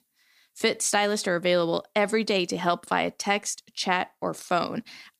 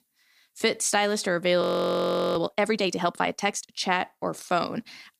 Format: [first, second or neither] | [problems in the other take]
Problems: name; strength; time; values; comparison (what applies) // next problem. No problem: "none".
first | audio freezing; at 1.5 s for 0.5 s